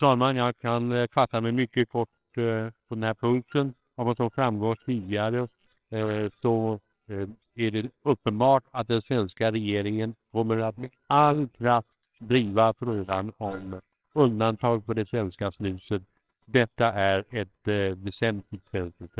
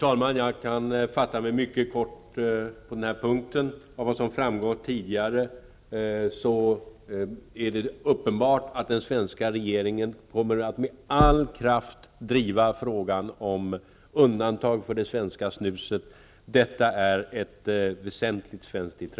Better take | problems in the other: second | noise reduction (neural separator model SepFormer WHAMR!)

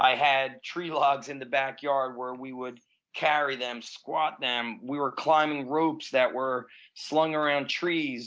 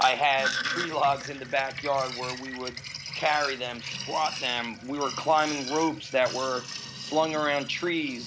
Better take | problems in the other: first | background sound (Sink (filling or washing)); 9 dB below the speech

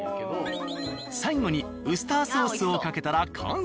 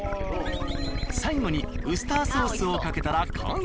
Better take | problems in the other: first | background sound (Gurgling / Liquid); 2 dB below the speech

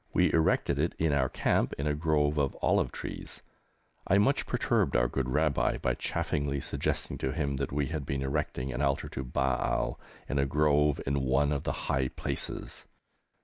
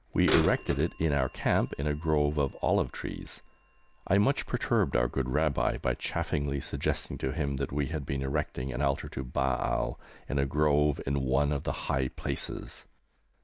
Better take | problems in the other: first | background sound (Bird vocalization, bird call, bird song / Telephone); 16 dB below the speech

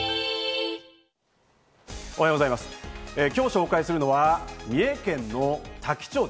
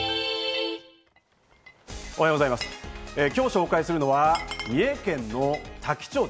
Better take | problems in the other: first | background sound (Glass); 19 dB below the speech

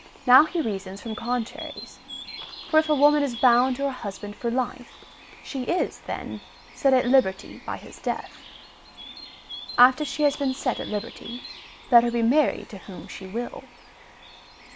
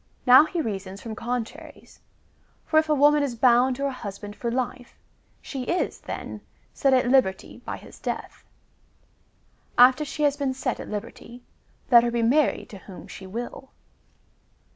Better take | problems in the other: second | background sound (Bird); 17 dB below the speech

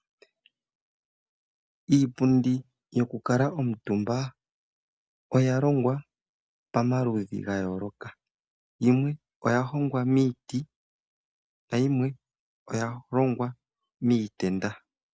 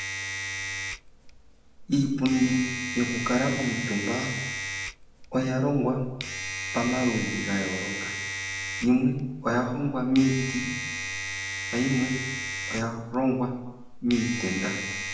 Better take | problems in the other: first | background sound (Domestic sounds, home sounds); 6 dB below the speech // room echo; dies away in 0.8 s

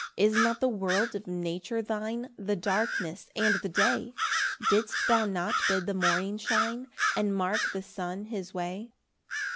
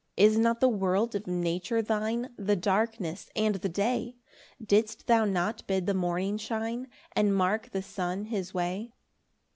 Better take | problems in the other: second | background sound (Bird vocalization, bird call, bird song); 2 dB below the speech

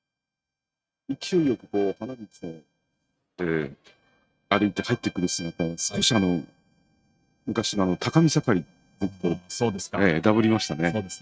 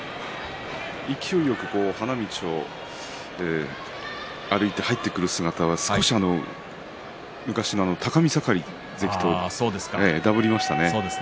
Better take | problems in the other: second | noise reduction (neural mask model RNNoise)

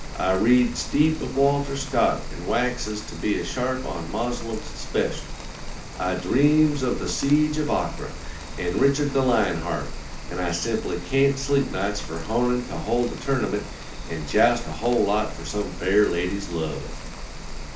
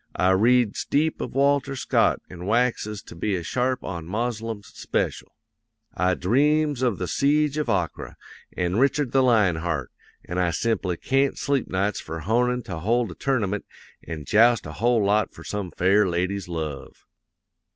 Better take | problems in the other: second | background sound (Rain); 9 dB below the speech // room echo; dies away in 0.4 s

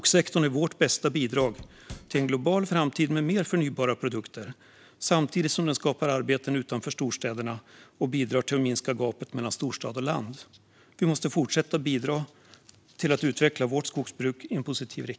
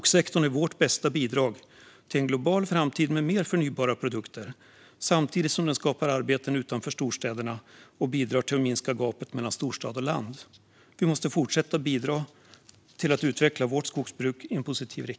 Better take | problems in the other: second | background sound (Drum / Drum kit); 16 dB below the speech

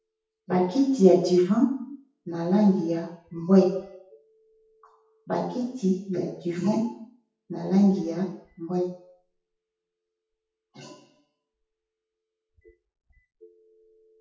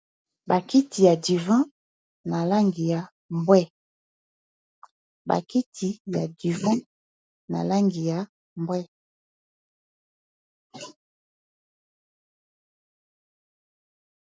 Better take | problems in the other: second | noise reduction (classical method WPE with log-MMSE)

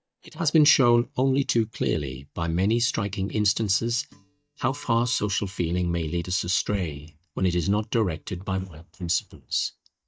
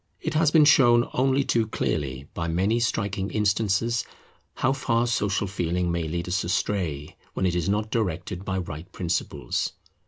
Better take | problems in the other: second | noise reduction (neural mask model DeepFilterNet 3)

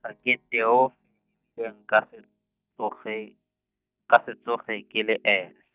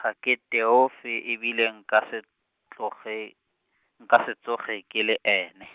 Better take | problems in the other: second | noise reduction (neural mask model DeepFilterNet 3)

